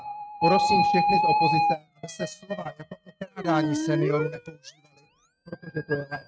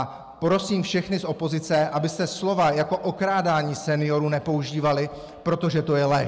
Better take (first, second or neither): second